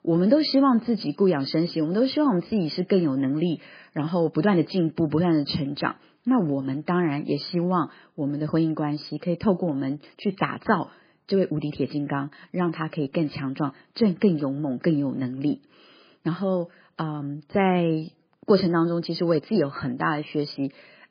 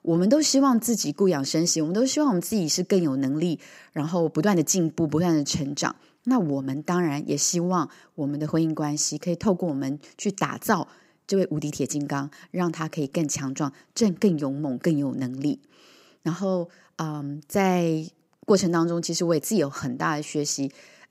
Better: second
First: garbled, watery; badly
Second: none

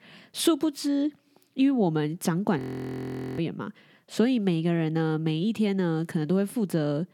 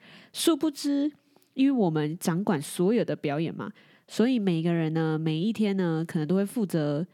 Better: second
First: audio freezing; at 2.5 s for 1 s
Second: none

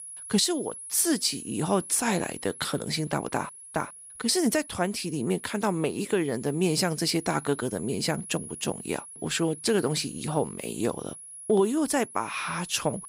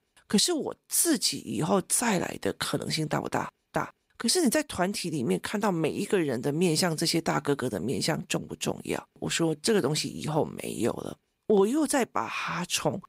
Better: second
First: high-pitched whine; noticeable; throughout; 10.5 kHz, 15 dB below the speech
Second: none

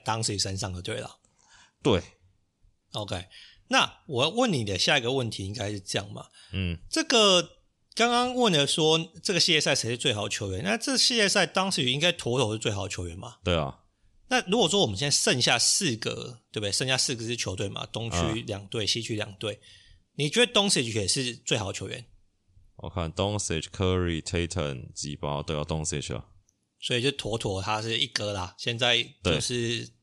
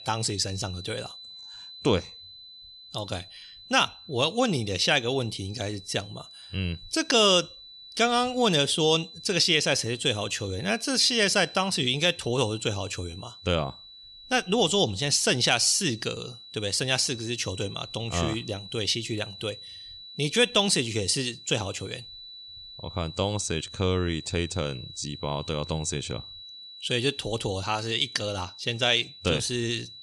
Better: first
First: none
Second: high-pitched whine; noticeable; throughout; 4 kHz, 15 dB below the speech

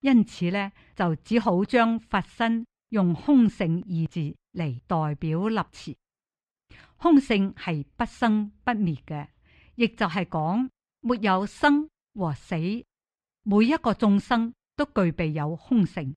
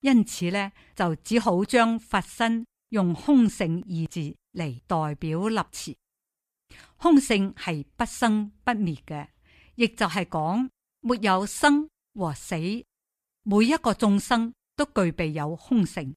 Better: second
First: muffled; very slightly; fading above 3.5 kHz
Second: none

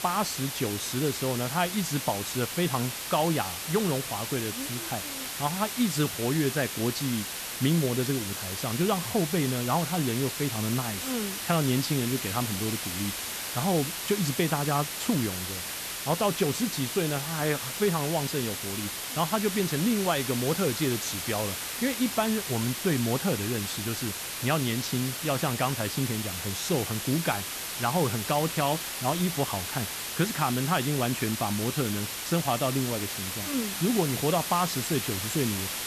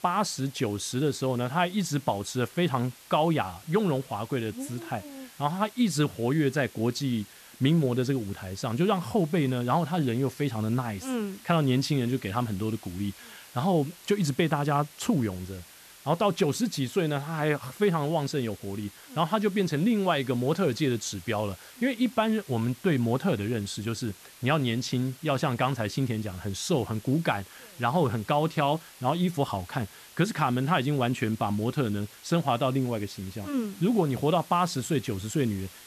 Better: second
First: hiss; loud; throughout; 3 dB below the speech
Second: hiss; faint; throughout; 20 dB below the speech

